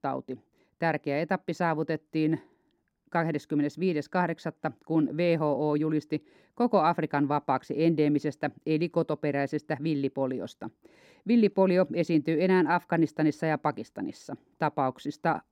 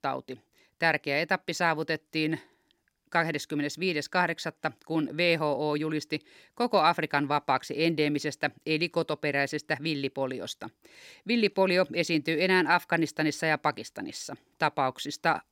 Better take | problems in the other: second | muffled; slightly; fading above 1.5 kHz

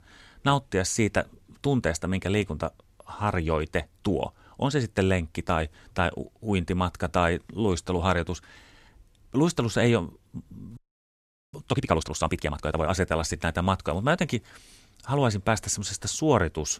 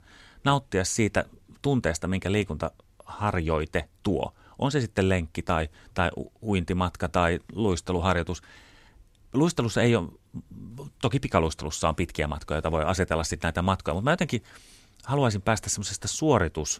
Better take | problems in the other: second | audio freezing; at 11 s for 1 s

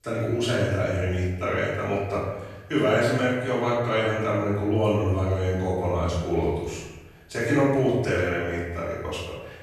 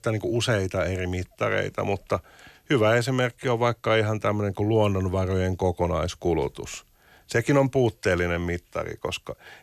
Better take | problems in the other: second | off-mic speech; far // room echo; noticeable; dies away in 1 s

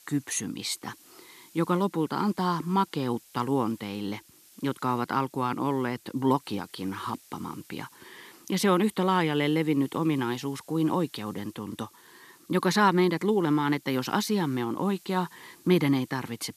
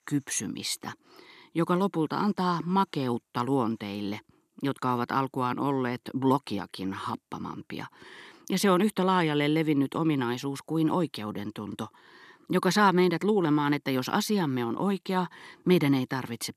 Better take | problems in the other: second | hiss; faint; throughout; 25 dB below the speech

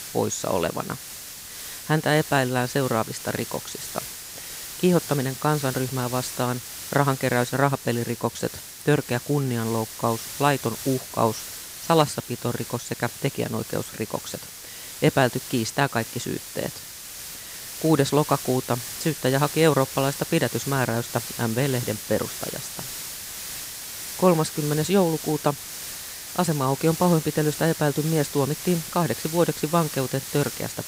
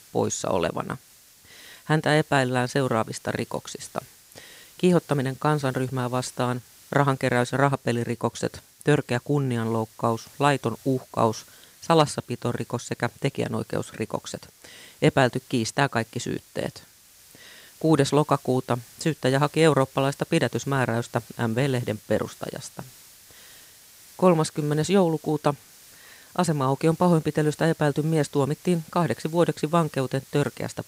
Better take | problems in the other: second | hiss; loud; throughout; 9 dB below the speech; faint in the second

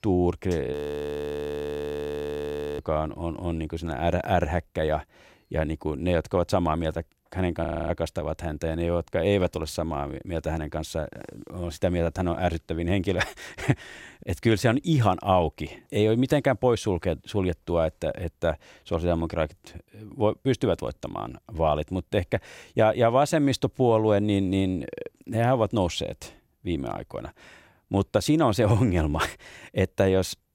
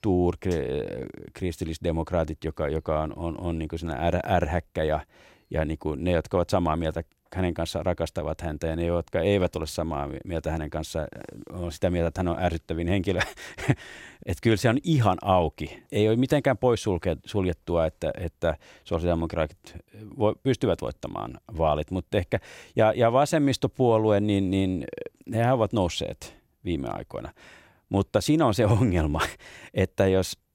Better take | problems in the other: second | audio freezing; at 0.5 s for 2 s and at 7.5 s

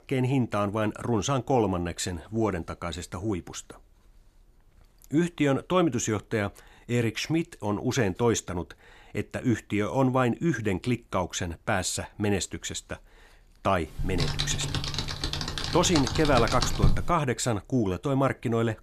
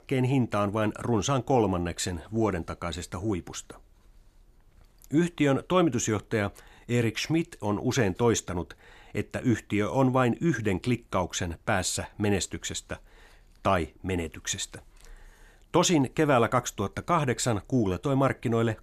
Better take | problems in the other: second | keyboard typing; loud; from 14 to 17 s; peak 1 dB above the speech

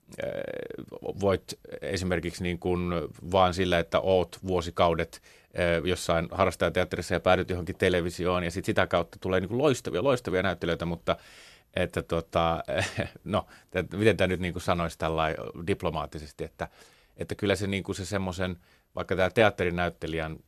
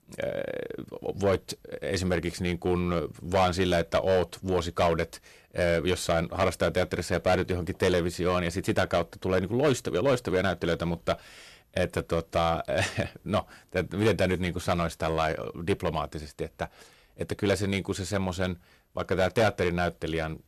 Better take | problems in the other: first | distortion; slight; 3% of the sound clipped

